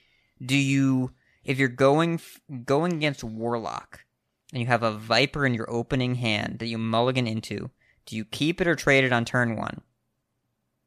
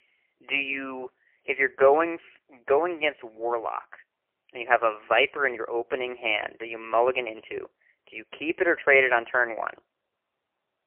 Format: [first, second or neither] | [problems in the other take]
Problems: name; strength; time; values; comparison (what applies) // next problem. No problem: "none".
first | phone-call audio; poor line; nothing above 3 kHz